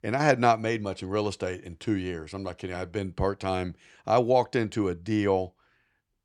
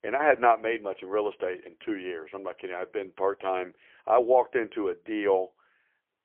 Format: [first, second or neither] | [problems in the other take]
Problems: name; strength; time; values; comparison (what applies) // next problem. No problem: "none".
first | phone-call audio; poor line; nothing above 3 kHz